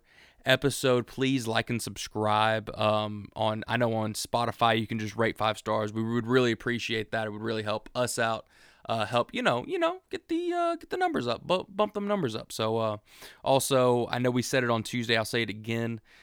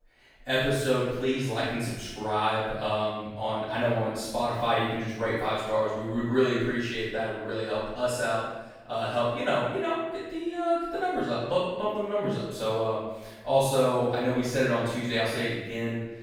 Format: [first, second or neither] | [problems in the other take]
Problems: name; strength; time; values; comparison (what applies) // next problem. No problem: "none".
first | off-mic speech; far // room echo; strong; dies away in 0.9 s